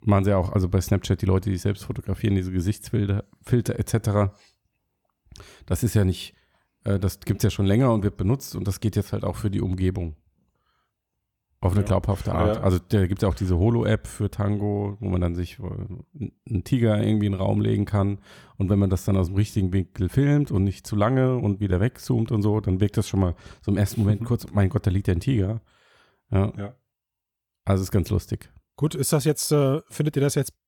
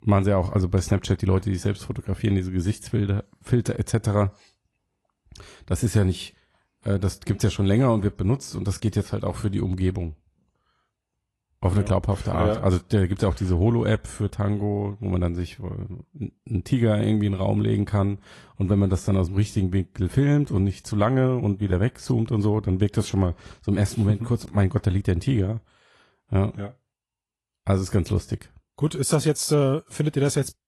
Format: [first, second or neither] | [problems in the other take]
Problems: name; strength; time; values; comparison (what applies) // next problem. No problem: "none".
first | garbled, watery; slightly; nothing above 11.5 kHz